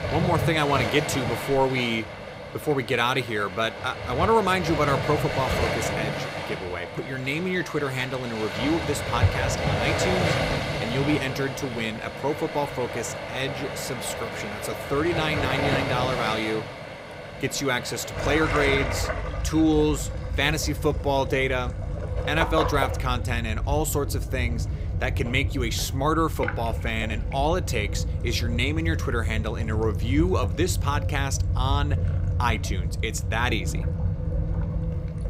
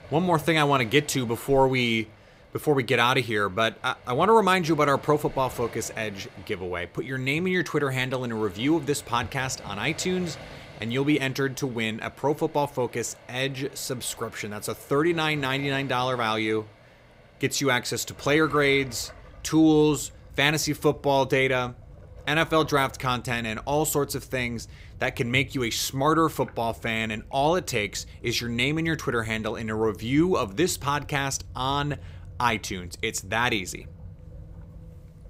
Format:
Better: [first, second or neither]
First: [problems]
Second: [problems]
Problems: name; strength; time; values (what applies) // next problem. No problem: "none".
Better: second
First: rain or running water; loud; throughout; 2 dB below the speech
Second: rain or running water; faint; throughout; 20 dB below the speech